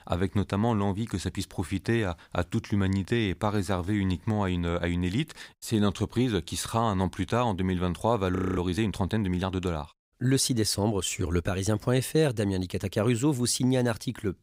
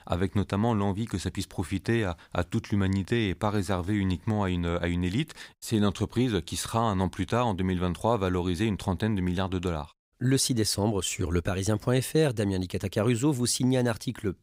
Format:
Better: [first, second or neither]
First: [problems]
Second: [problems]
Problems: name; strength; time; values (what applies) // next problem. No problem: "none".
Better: second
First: audio freezing; at 8.5 s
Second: none